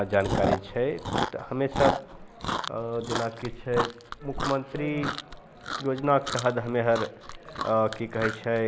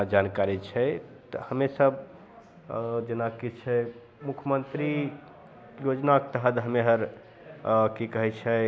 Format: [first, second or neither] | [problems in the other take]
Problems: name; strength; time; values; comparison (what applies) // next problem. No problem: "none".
second | background sound (Chewing, mastication); 5 dB below the speech